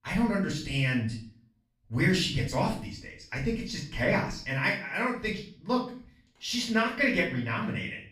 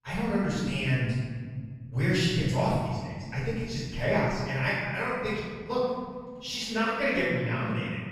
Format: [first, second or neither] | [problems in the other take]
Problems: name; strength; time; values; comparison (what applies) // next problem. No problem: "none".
first | room echo; strong; dies away in 2.1 s; slight in the first // off-mic speech; far; far in the first